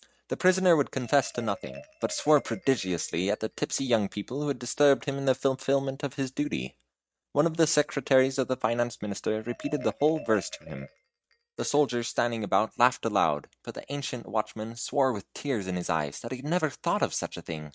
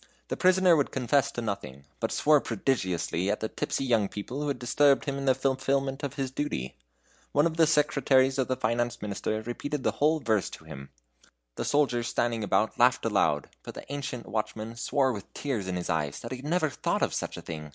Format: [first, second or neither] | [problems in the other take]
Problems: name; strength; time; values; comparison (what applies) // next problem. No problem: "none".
second | noise reduction (neural mask model RNNoise)